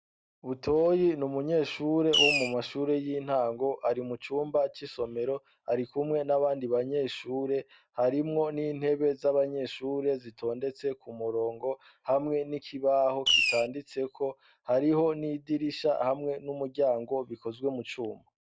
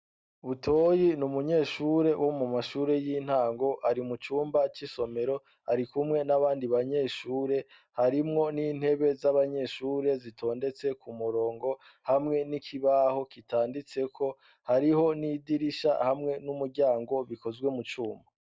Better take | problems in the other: second | background sound (Fireworks); 4 dB above the speech

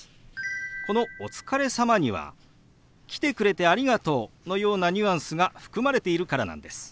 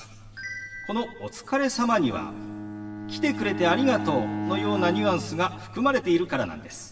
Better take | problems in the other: first | background sound (Bowed string instrument); 7 dB below the speech // room echo; dies away in 1.3 s

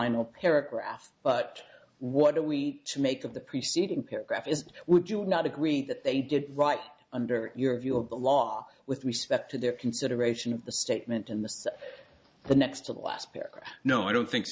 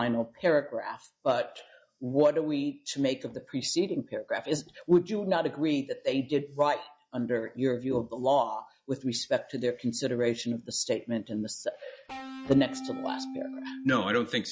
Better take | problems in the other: first | noise reduction (classical method log-MMSE)

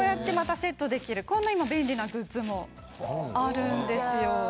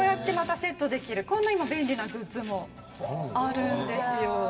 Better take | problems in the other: first | room echo; dies away in 1.8 s

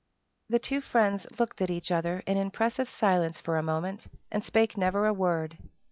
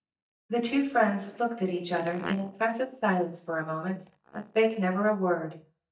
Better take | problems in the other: first | noise reduction (neural mask model DeepFilterNet 3)

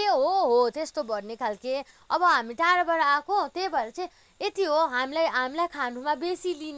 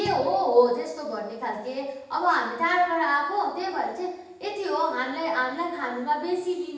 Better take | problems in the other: first | background sound (Thump, thud); 16 dB below the speech // room echo; dies away in 0.9 s

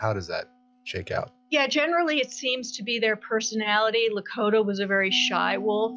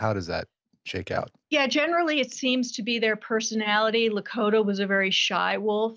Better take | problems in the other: second | noise reduction (classical method log-MMSE)

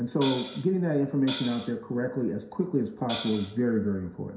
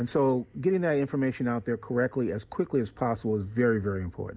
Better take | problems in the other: second | background sound (Hi-hat); 11 dB below the speech // room echo; dies away in 0.7 s

